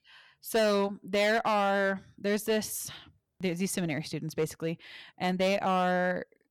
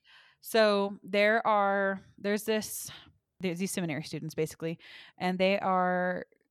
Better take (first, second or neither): second